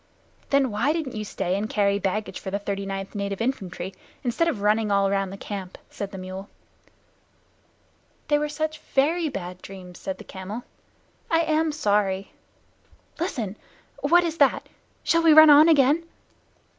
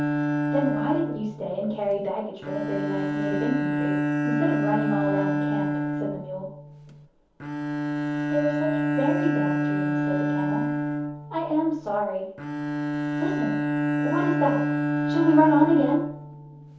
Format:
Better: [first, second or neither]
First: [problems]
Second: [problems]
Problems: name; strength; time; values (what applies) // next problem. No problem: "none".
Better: first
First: none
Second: background sound (Bowed string instrument); 1 dB above the speech // room echo; dies away in 0.6 s